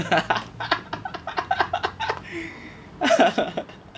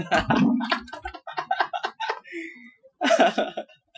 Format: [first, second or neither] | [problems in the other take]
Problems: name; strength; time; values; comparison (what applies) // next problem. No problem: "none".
first | noise reduction (classical method Wiener filter)